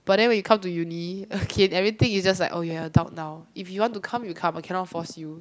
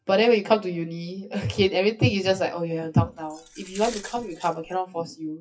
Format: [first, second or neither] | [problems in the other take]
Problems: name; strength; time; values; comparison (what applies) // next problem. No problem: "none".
first | noise reduction (classical method WPE with log-MMSE)